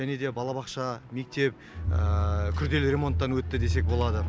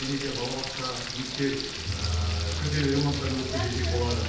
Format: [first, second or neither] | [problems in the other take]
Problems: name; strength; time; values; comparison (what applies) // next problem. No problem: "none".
first | background sound (Frying (food)); 6 dB below the speech // room echo; dies away in 0.9 s